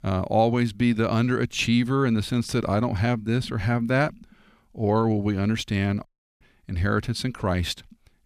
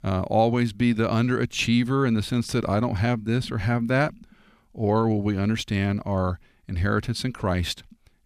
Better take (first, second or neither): second